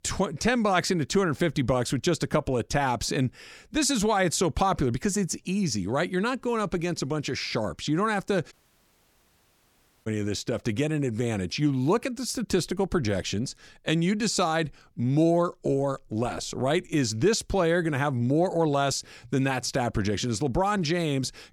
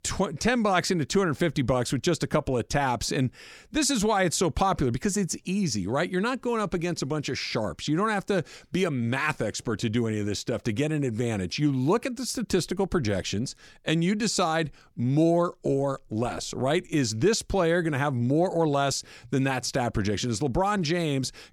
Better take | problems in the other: second | audio cutting out; at 8.5 s for 1.5 s

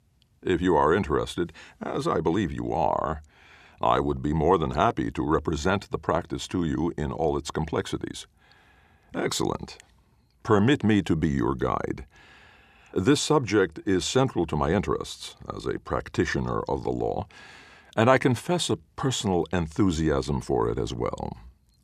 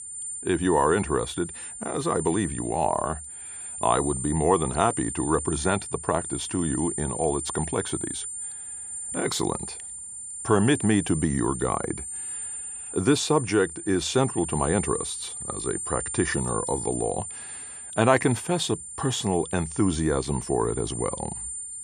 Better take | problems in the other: first | high-pitched whine; loud; throughout; 9 kHz, 6 dB below the speech

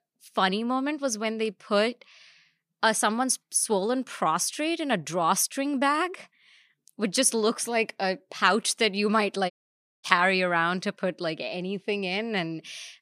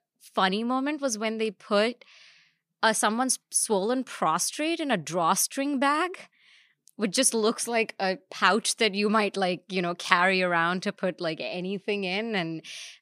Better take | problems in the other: second | audio cutting out; at 9.5 s for 0.5 s

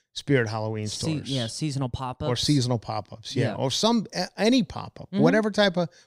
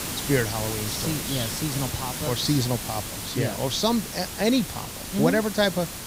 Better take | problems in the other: first | hiss; loud; throughout; 5 dB below the speech

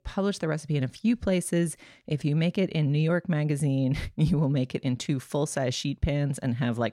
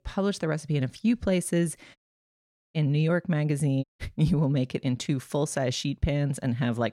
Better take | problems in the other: first | audio cutting out; at 2 s for 1 s and at 4 s

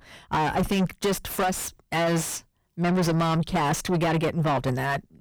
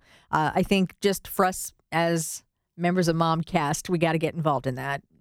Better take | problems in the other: second | distortion; heavy; 5 dB below the speech

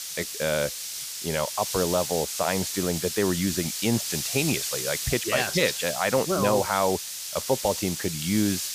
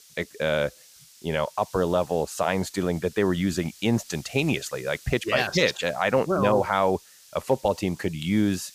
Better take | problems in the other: second | hiss; loud; throughout; 3 dB below the speech; faint in the second

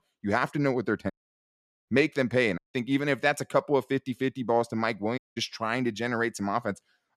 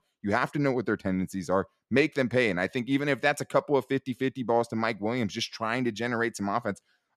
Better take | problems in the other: second | audio cutting out; at 1 s for 1 s, at 2.5 s and at 5 s

